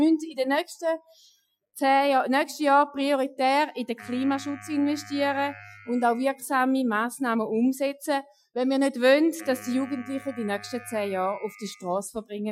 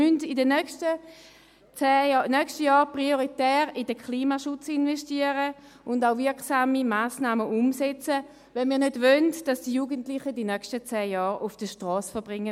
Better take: second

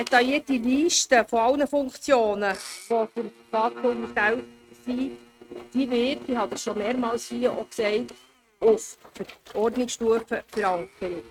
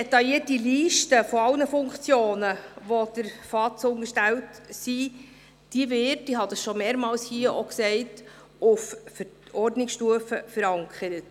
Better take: second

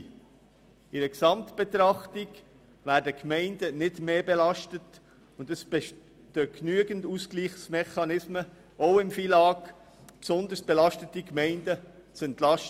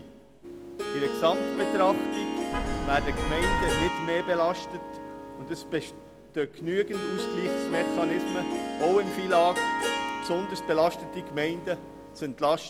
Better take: first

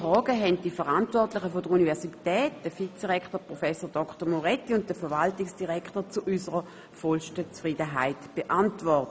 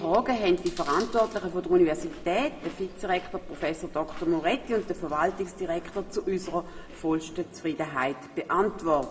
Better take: first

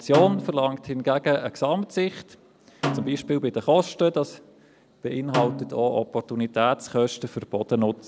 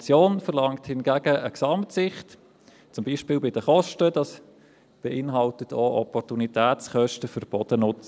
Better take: second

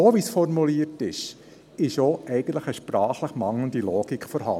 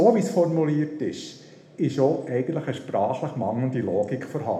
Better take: first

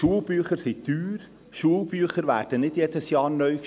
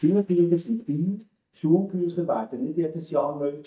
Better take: first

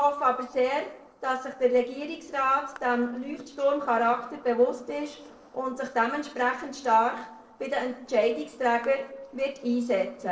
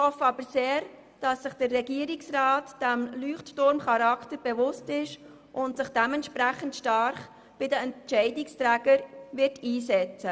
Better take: second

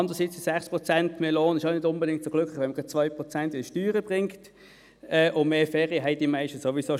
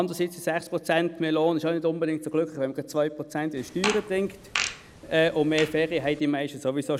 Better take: first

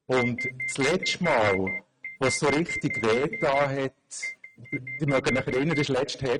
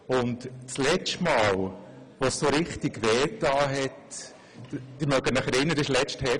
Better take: second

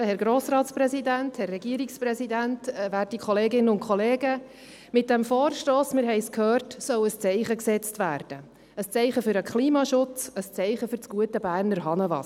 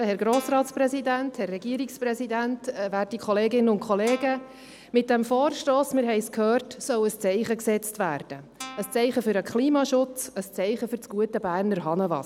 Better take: first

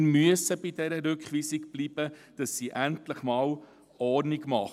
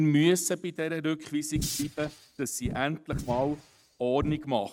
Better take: first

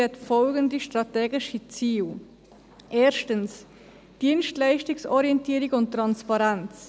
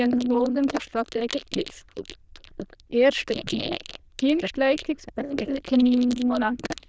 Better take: first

